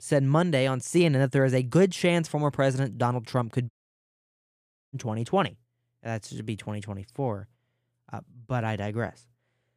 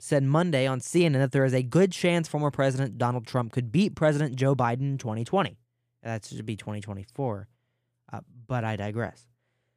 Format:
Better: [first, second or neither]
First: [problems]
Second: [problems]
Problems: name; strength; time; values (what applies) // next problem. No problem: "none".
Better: second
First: audio cutting out; at 3.5 s for 1 s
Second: none